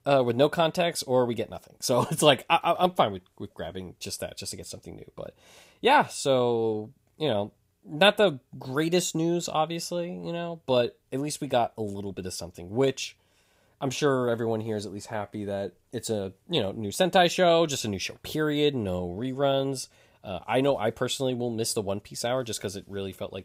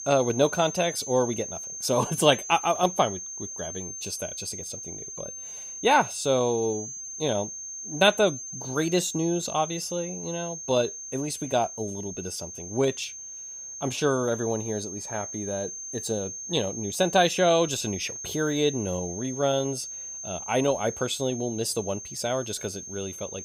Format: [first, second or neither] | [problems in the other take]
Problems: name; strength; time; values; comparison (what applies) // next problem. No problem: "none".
first | high-pitched whine; loud; throughout; 6.5 kHz, 8 dB below the speech